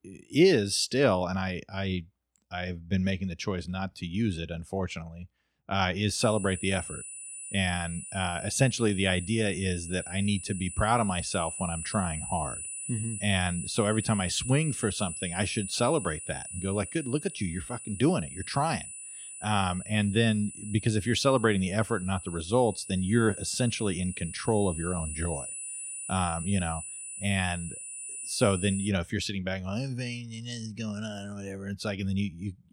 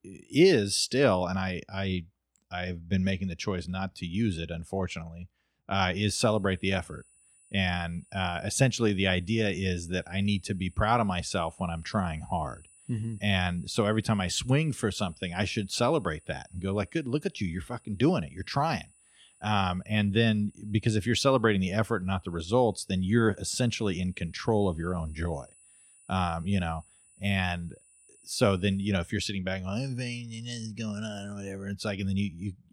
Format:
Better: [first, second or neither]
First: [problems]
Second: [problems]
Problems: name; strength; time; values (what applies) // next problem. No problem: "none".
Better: second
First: high-pitched whine; loud; from 6 to 29 s; 9.5 kHz, 8 dB below the speech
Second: high-pitched whine; faint; from 6 to 29 s; 9.5 kHz, 30 dB below the speech